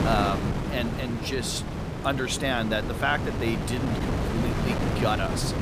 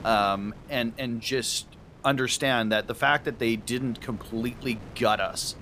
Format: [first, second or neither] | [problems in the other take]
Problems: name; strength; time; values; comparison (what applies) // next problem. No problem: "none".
second | wind noise on the microphone; heavy; 4 dB below the speech; occasional gusts in the second